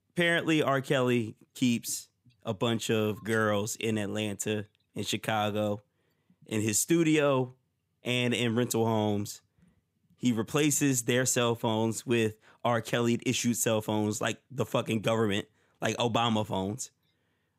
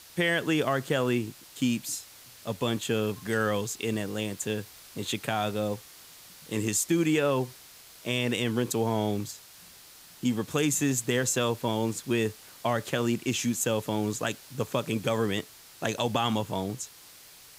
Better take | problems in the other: first | hiss; noticeable; throughout; 20 dB below the speech

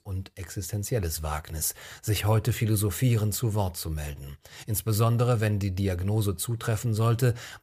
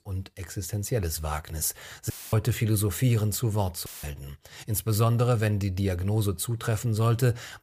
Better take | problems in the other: first | audio cutting out; filled with static; at 2 s and at 4 s

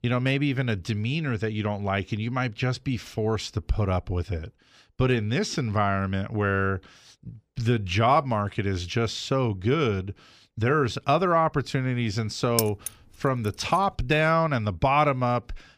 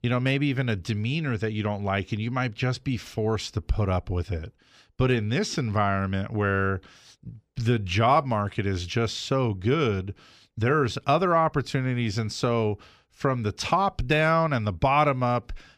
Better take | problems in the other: second | jangling keys; noticeable; at 13 s; peak 3 dB below the speech

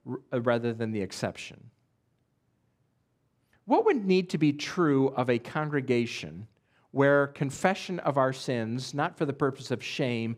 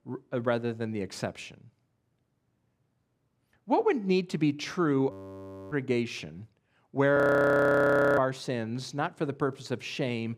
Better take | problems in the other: first | audio freezing; at 5 s for 0.5 s and at 7 s for 1 s

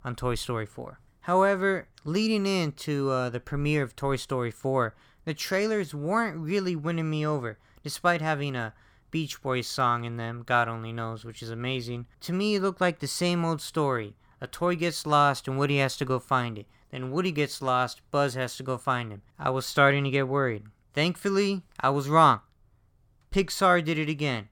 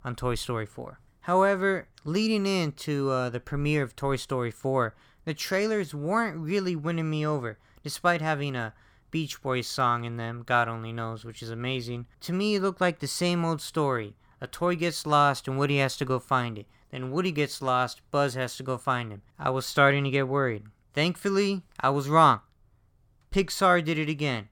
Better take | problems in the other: neither | none

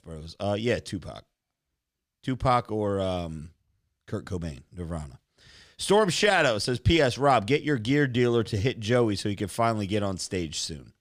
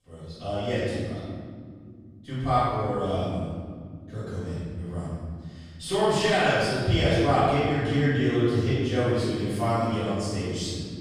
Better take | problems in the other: first | room echo; strong; dies away in 2.1 s // off-mic speech; far

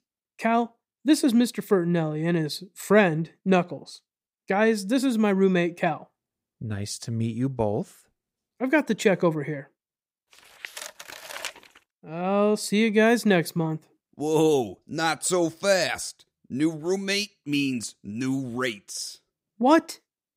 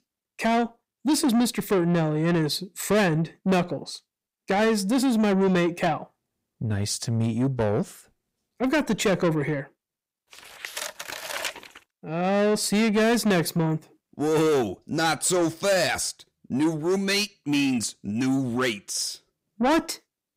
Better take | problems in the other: first | distortion; heavy; 8 dB below the speech

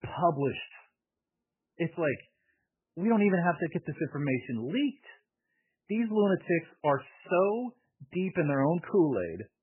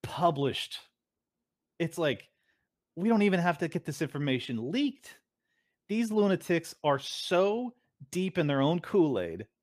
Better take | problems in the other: second | garbled, watery; badly; nothing above 3 kHz

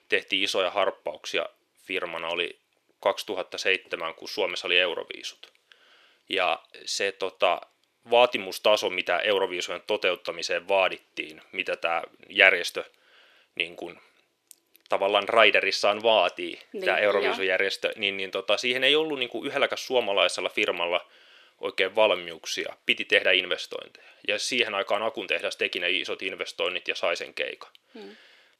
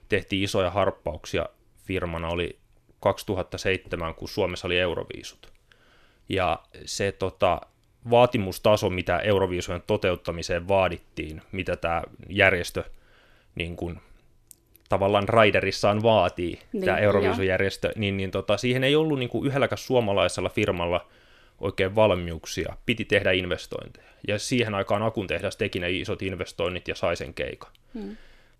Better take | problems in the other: second | thin; somewhat; fading below 450 Hz

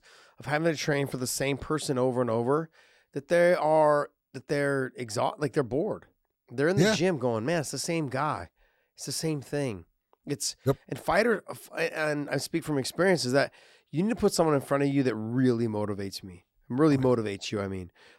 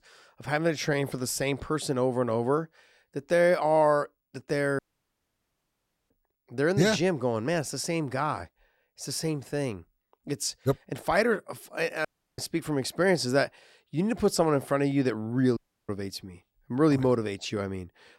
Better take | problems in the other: first | audio cutting out; at 5 s for 1.5 s, at 12 s and at 16 s

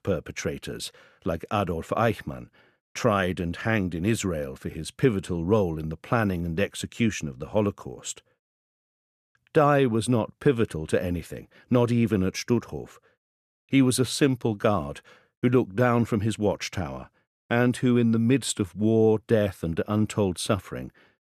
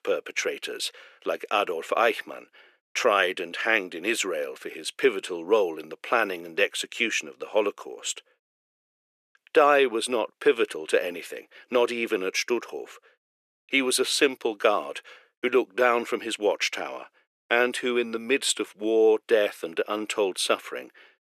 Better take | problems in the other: first | thin; very; fading below 400 Hz

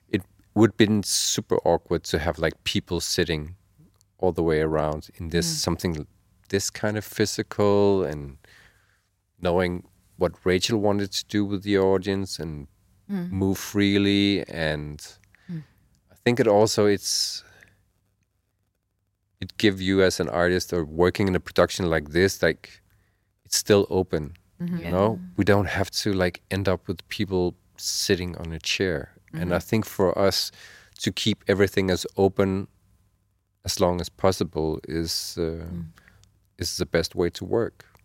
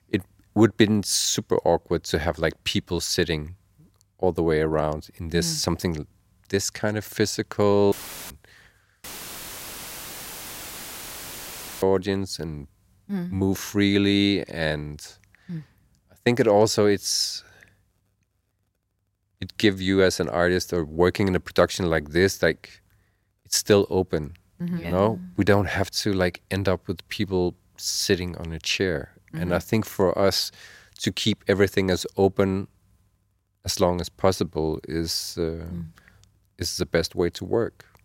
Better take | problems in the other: first | audio cutting out; filled with static; at 8 s and at 9 s for 3 s

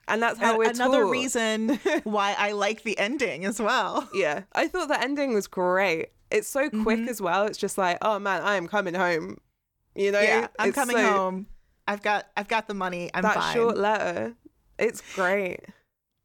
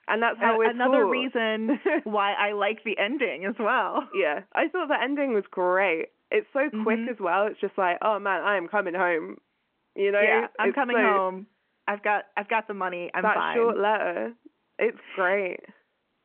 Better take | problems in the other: first | phone-call audio

